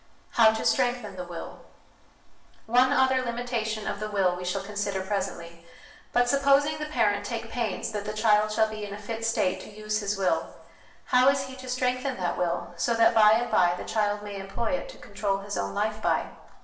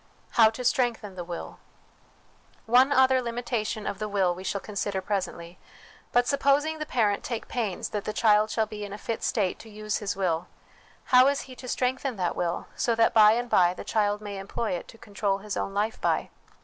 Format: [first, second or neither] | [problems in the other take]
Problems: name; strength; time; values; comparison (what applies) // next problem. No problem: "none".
second | room echo; dies away in 0.9 s